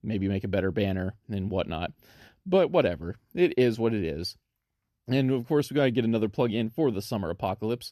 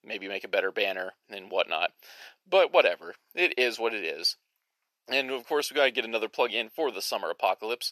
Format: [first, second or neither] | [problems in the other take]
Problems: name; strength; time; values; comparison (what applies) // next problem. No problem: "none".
first | thin; very; fading below 600 Hz